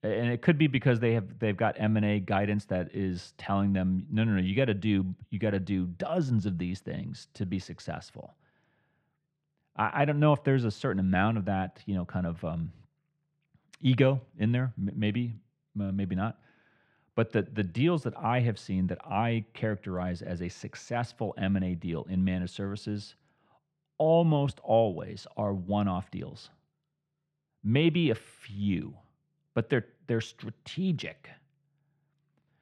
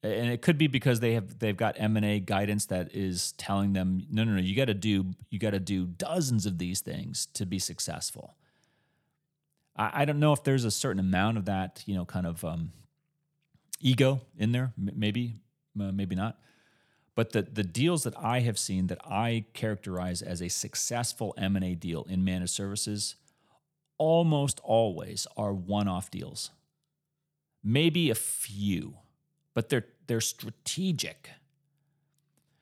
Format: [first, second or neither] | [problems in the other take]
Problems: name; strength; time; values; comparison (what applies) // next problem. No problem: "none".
second | muffled; very; fading above 2 kHz